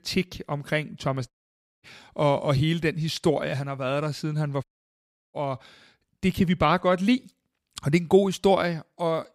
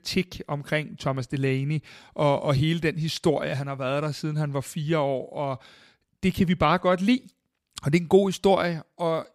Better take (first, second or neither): second